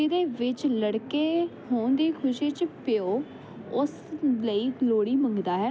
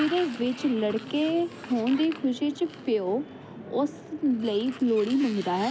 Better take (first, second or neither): first